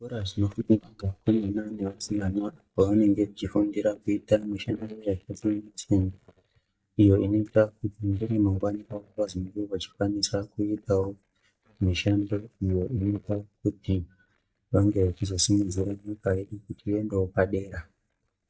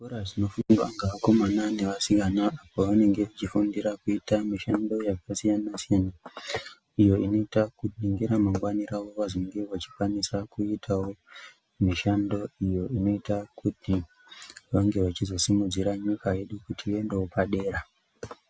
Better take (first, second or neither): second